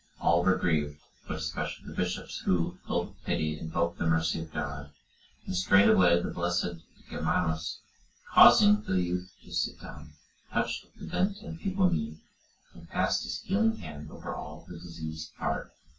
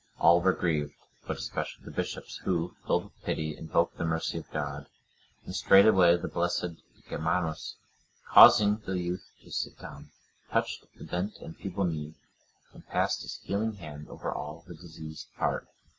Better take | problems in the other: second | room echo; dies away in 0.1 s

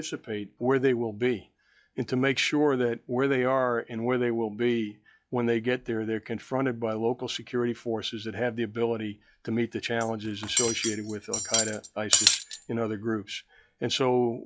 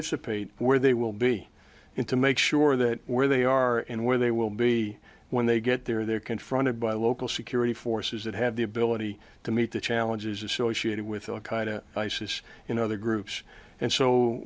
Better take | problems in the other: second | noise reduction (classical method log-MMSE)

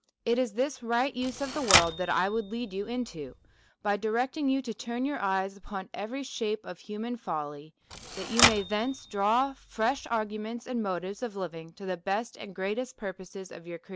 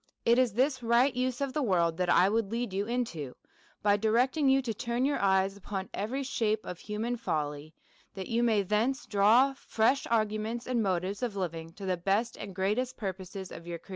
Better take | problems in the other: second | background sound (Typewriter); 1 dB below the speech

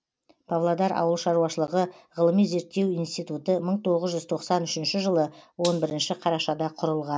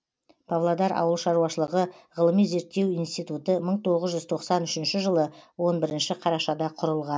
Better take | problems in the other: second | background sound (Gunshot, gunfire); 16 dB below the speech

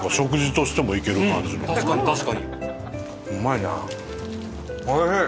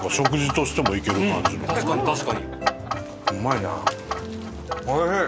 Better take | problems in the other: first | background sound (Clock); 5 dB below the speech

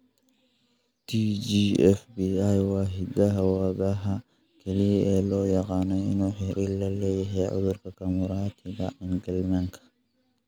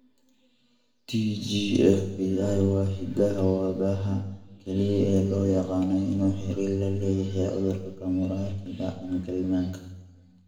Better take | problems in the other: first | room echo; dies away in 0.9 s

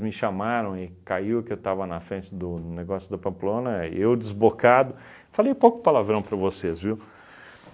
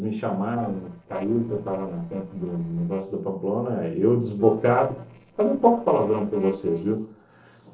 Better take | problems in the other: first | noise reduction (neural separator model SepFormer DNS4)

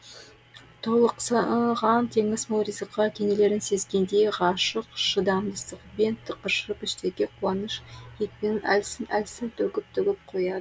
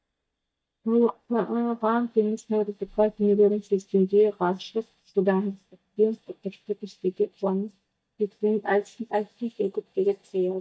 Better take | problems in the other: first | noise reduction (neural mask model DeepFilterNet 3)

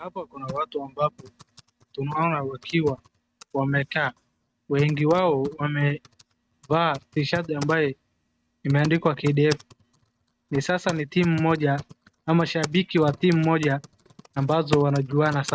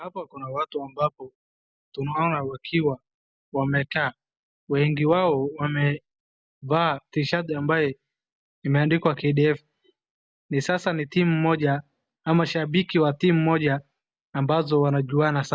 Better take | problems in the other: second | noise reduction (neural mask model RNNoise)

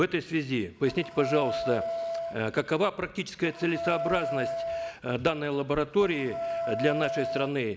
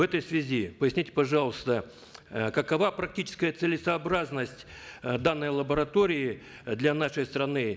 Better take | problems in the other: second | background sound (Wind instrument, woodwind instrument); 6 dB below the speech

